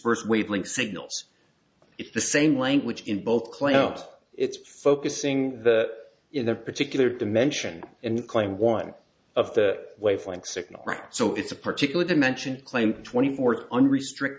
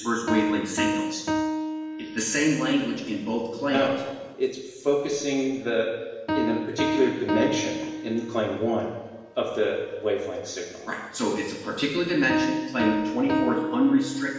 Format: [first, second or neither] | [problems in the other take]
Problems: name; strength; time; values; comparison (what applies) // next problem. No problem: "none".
first | background sound (Piano); 5 dB below the speech // room echo; dies away in 1.2 s